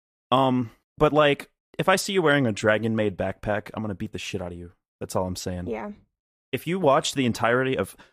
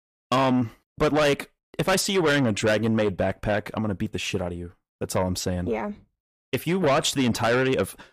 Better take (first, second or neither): first